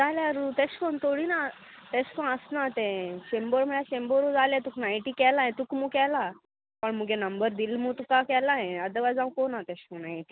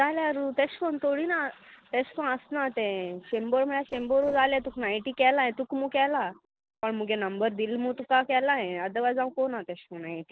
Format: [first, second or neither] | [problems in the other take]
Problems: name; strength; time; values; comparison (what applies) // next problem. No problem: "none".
first | noise reduction (neural separator model SepFormer DNS4)